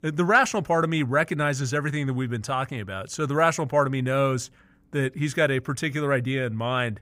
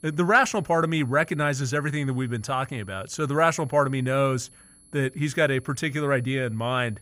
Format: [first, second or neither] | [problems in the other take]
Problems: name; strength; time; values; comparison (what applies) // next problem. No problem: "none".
first | high-pitched whine; faint; throughout; 11 kHz, 25 dB below the speech